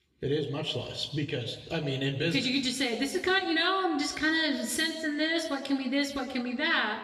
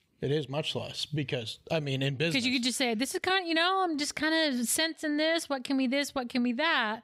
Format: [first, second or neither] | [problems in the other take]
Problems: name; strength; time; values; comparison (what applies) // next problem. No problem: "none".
second | room echo; slight; dies away in 1.1 s // off-mic speech; somewhat distant